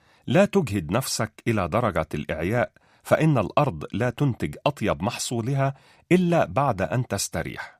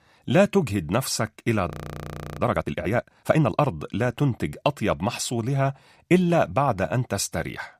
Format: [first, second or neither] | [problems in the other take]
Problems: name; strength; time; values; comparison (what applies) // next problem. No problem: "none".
first | audio freezing; at 1.5 s for 0.5 s